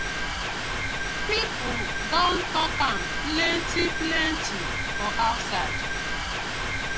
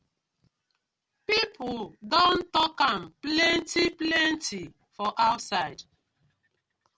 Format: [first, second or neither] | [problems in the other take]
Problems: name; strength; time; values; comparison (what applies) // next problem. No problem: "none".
second | background sound (Mechanisms); 1 dB above the speech